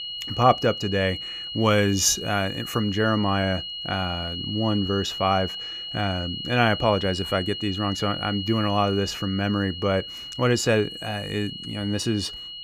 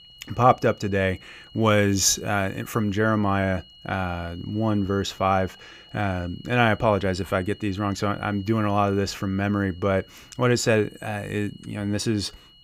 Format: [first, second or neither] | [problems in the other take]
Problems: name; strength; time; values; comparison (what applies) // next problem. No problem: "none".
second | high-pitched whine; loud; throughout; 3 kHz, 7 dB below the speech; faint in the second